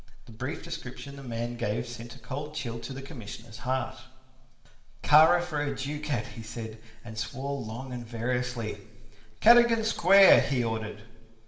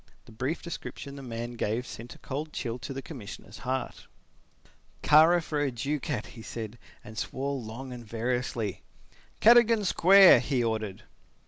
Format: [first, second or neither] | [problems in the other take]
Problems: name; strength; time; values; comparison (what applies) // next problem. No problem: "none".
second | room echo; dies away in 1.5 s